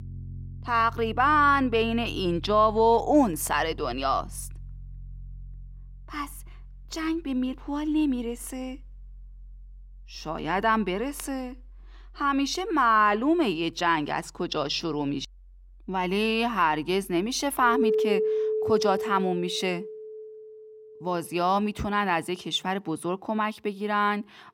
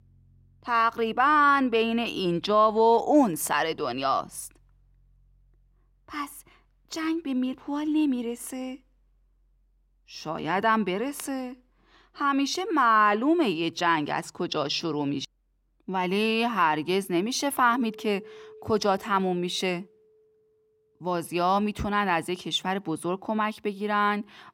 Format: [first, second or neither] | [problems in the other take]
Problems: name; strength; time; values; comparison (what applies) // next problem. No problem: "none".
second | background music; loud; throughout; 8 dB below the speech; faint in the second